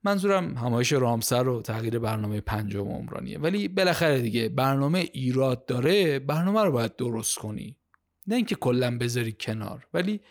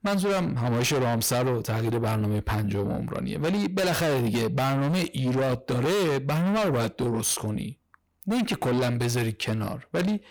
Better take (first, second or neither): first